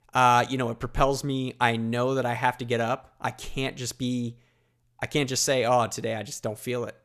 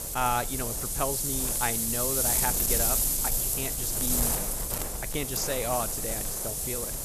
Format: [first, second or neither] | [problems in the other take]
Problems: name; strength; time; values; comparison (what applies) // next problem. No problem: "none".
first | wind noise on the microphone; heavy; 2 dB above the speech